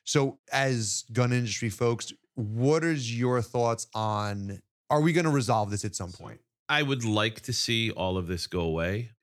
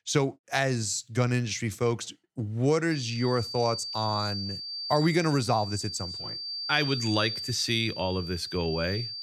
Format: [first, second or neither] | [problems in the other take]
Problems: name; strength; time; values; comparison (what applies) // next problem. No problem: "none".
first | high-pitched whine; loud; from 3 s on; 4.5 kHz, 6 dB below the speech